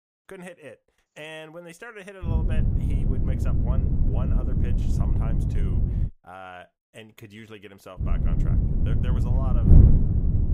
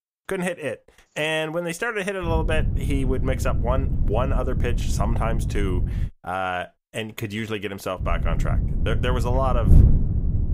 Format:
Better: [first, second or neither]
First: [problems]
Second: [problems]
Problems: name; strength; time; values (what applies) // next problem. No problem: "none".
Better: second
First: wind noise on the microphone; heavy; from 2.5 to 6 s and from 8 s on; 5 dB above the speech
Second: wind noise on the microphone; occasional gusts; from 2.5 to 6 s and from 8 s on; 10 dB below the speech